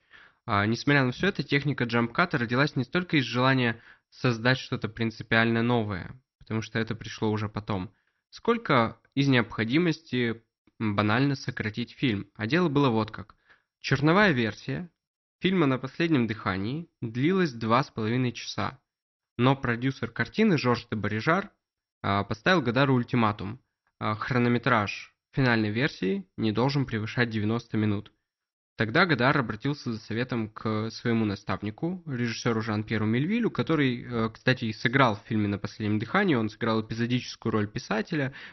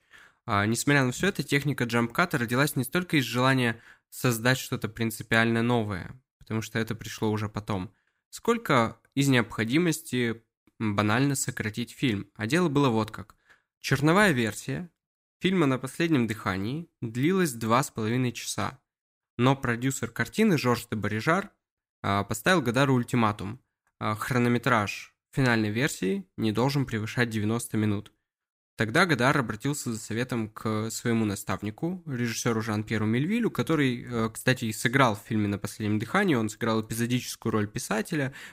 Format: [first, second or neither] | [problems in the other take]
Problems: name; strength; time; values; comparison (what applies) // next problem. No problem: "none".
second | garbled, watery; slightly; nothing above 6 kHz